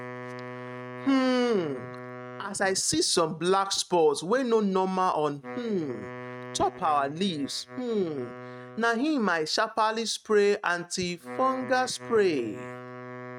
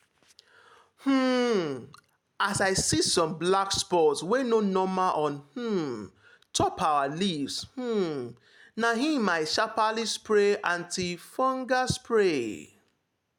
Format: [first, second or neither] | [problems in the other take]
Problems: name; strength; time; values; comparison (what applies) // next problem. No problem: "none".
second | noise reduction (neural mask model RNNoise)